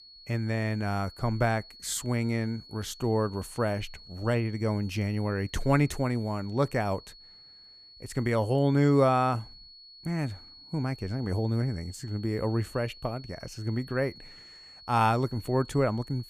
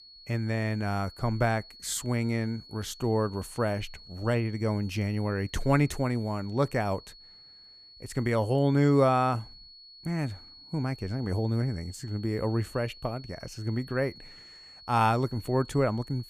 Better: neither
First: high-pitched whine; noticeable; throughout; 4.5 kHz, 20 dB below the speech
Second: high-pitched whine; noticeable; throughout; 4.5 kHz, 20 dB below the speech

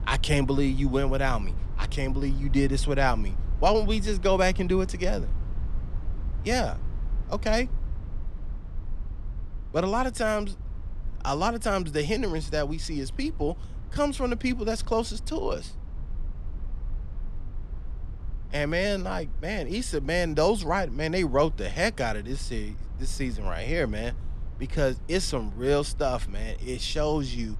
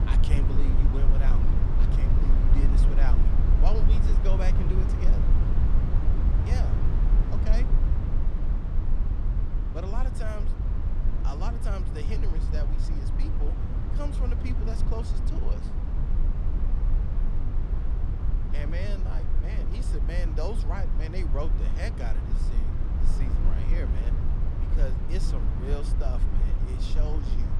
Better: first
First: low rumble; faint; throughout; 25 dB below the speech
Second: low rumble; loud; throughout; 1 dB below the speech

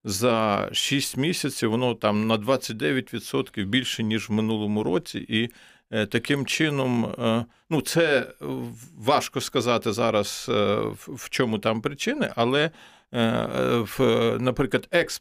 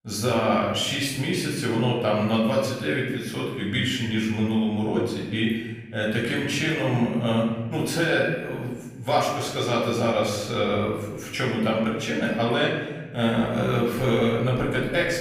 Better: first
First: none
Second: off-mic speech; far // room echo; noticeable; dies away in 1.2 s

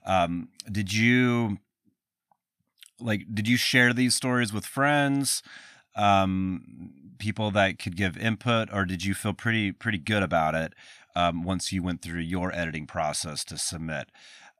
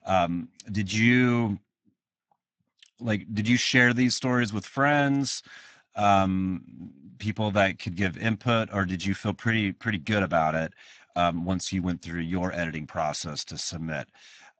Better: first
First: none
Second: garbled, watery; badly; nothing above 7.5 kHz

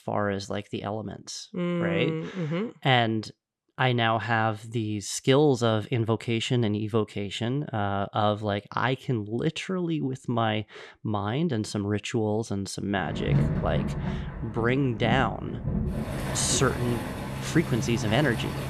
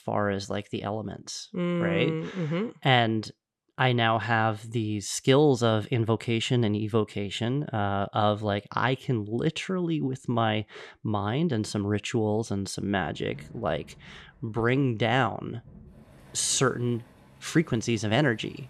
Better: second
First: rain or running water; loud; from 13 s on; 4 dB below the speech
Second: rain or running water; faint; from 13 s on; 25 dB below the speech

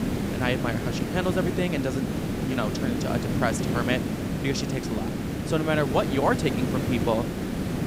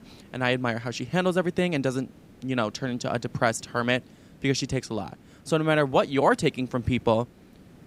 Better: second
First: hiss; loud; throughout; as loud as the speech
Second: hiss; faint; throughout; 25 dB below the speech

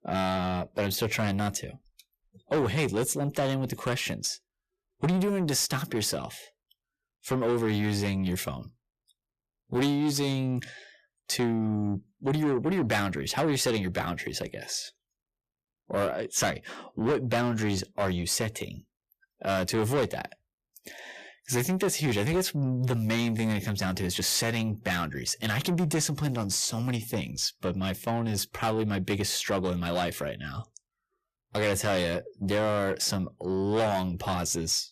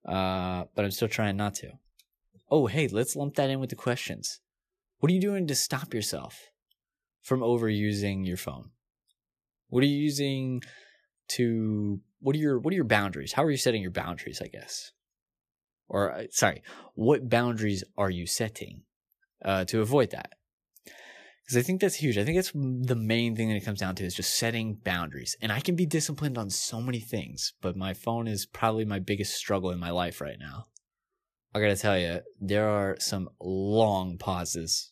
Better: second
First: distortion; heavy; 8 dB below the speech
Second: none

